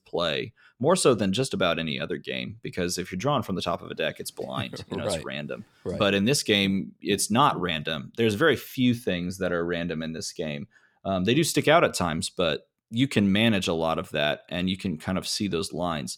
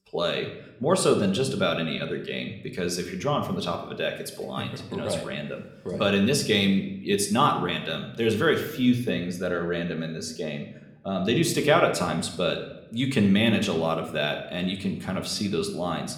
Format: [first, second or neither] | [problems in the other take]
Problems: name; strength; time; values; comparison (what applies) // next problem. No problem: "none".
first | room echo; slight; dies away in 0.6 s